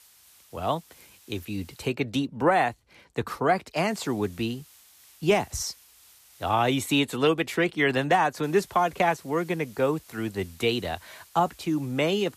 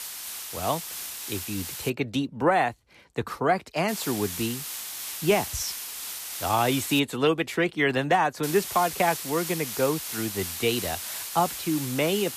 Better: first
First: hiss; faint; until 2 s, from 4 to 7 s and from 8.5 s on; 25 dB below the speech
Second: hiss; loud; until 2 s, from 4 to 7 s and from 8.5 s on; 6 dB below the speech

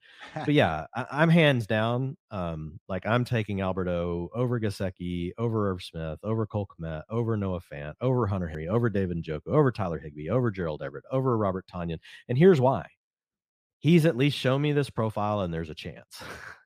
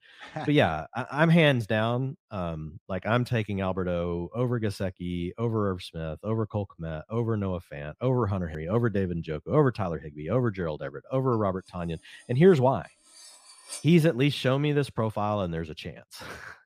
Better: first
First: none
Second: clattering dishes; faint; at 13 s; peak 15 dB below the speech

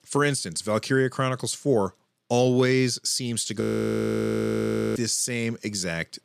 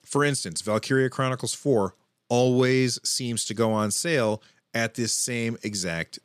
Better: second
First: audio freezing; at 3.5 s for 1.5 s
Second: none

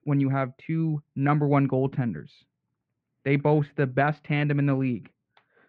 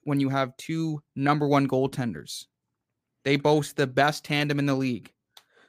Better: second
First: muffled; very; fading above 2.5 kHz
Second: none

